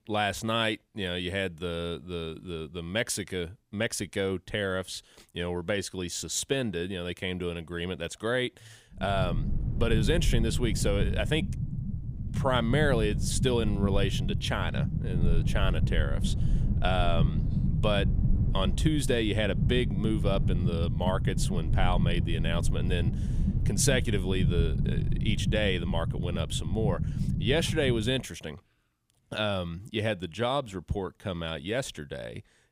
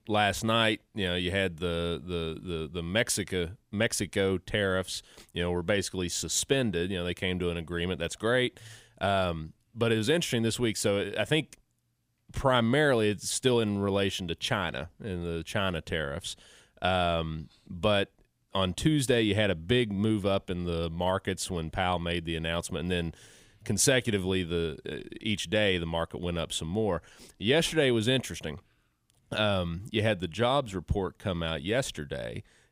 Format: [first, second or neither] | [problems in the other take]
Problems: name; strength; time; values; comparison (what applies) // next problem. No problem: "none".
second | low rumble; noticeable; from 9 to 28 s; 10 dB below the speech